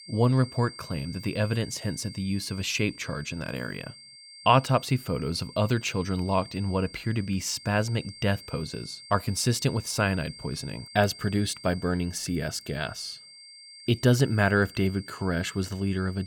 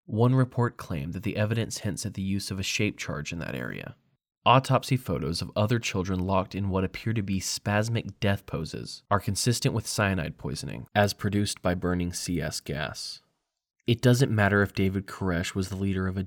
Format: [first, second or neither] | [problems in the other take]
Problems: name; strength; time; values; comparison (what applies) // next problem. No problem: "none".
second | high-pitched whine; noticeable; throughout; 4.5 kHz, 15 dB below the speech